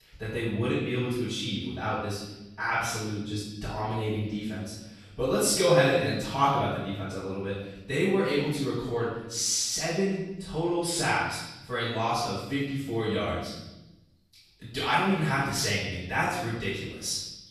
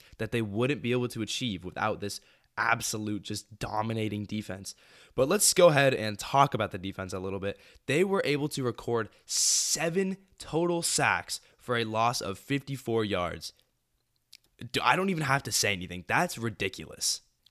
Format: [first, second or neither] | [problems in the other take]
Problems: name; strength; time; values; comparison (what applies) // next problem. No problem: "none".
second | off-mic speech; far // room echo; strong; dies away in 1 s